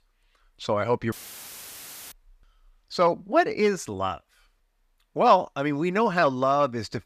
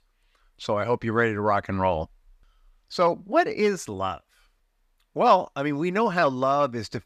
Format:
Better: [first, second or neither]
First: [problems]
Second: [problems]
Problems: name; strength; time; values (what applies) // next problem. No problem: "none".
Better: second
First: audio cutting out; filled with static; at 1 s for 1 s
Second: none